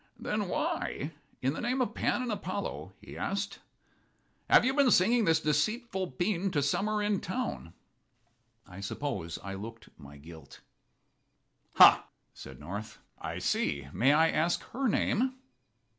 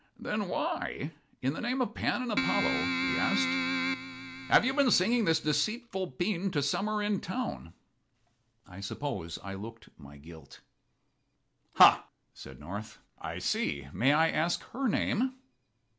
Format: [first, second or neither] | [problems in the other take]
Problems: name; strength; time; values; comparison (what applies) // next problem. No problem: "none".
first | background sound (Keyboard (musical)); 1 dB below the speech